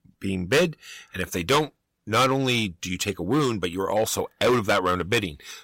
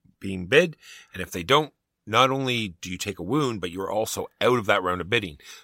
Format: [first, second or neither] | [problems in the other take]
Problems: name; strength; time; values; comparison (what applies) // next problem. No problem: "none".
second | distortion; heavy; 6% of the sound clipped